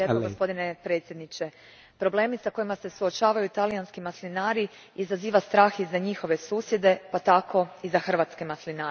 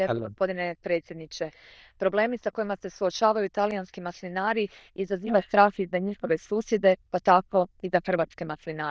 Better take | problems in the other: first | noise reduction (neural diffusion model UNIVERSE++)

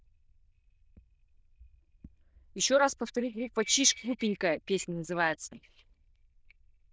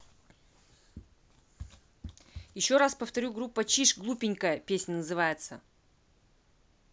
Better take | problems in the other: second | noise reduction (neural diffusion model UNIVERSE++)

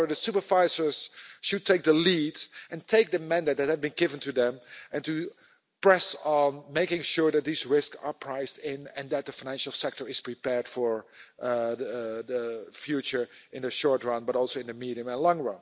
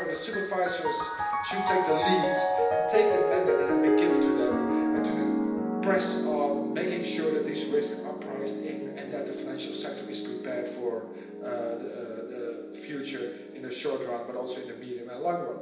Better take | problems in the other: first | background sound (Piano); 3 dB above the speech // room echo; dies away in 0.9 s

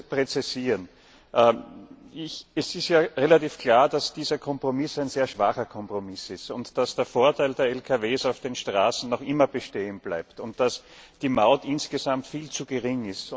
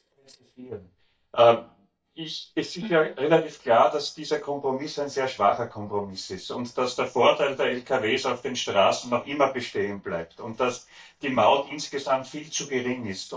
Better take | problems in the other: first | noise reduction (neural mask model DeepFilterNet 3)

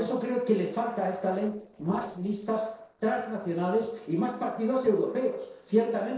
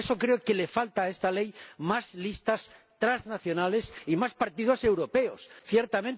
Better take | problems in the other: second | noise reduction (neural separator model SepFormer DNS4)

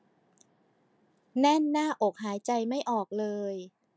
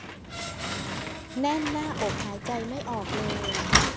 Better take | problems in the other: first | background sound (Slam); 3 dB above the speech

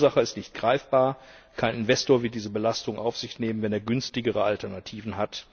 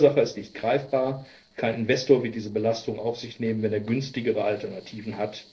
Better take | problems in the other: first | noise reduction (neural separator model SepFormer DNS4)

